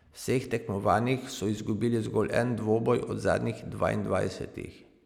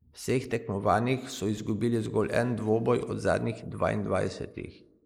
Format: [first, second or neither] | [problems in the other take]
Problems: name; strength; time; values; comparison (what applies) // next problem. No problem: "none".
first | noise reduction (neural mask model Resemble Enhance denoiser)